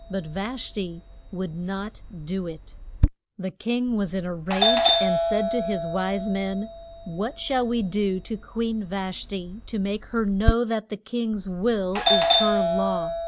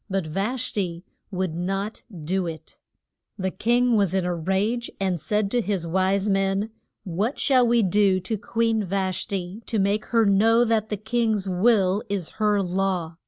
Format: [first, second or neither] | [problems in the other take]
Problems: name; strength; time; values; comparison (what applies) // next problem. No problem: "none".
second | background sound (Doorbell); as loud as the speech